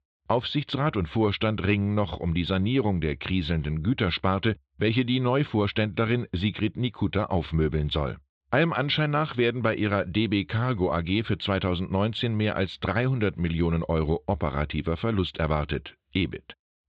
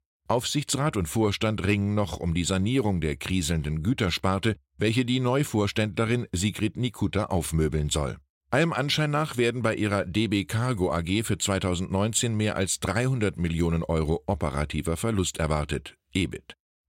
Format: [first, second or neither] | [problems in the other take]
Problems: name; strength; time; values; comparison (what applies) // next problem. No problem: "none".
second | muffled; very; fading above 3.5 kHz